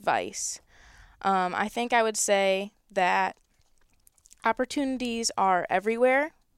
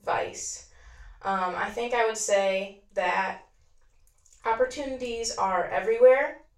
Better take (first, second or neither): first